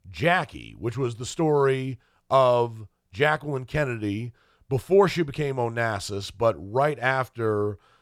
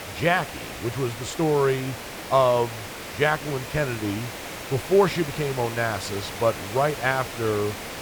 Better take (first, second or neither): first